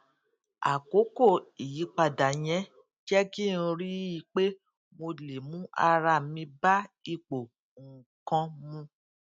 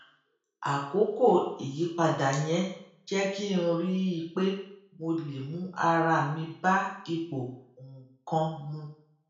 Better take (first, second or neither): first